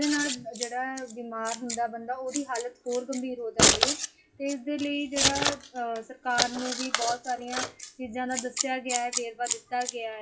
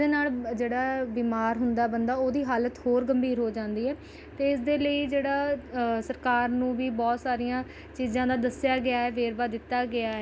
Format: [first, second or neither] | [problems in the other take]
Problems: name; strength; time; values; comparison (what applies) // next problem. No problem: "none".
second | noise reduction (classical method WPE with log-MMSE)